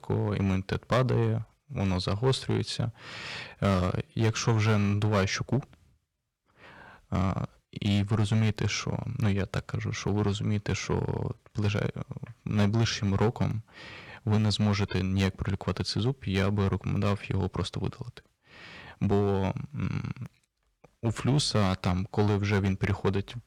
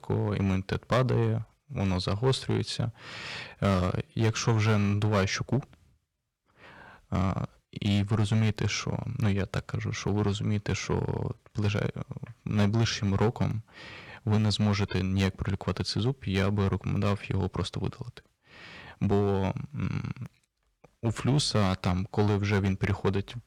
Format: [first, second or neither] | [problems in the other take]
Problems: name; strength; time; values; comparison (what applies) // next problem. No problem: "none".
neither | distortion; slight; 3% of the sound clipped; the same in both